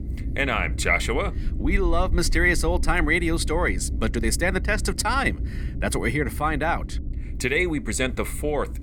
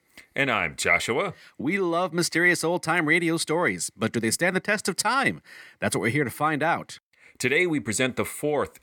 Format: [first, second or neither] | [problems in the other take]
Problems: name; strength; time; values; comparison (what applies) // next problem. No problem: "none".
second | low rumble; faint; throughout; 20 dB below the speech